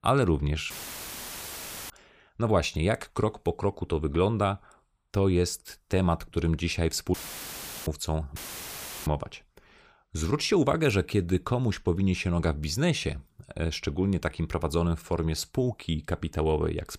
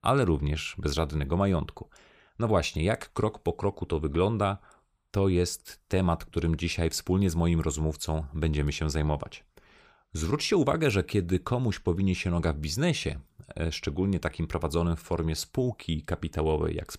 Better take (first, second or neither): second